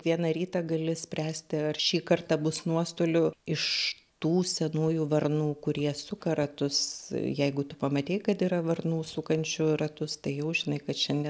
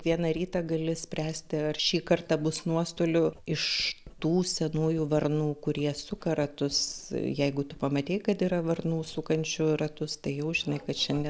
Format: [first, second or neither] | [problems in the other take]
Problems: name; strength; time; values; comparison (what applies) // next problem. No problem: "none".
first | background sound (Writing); 20 dB below the speech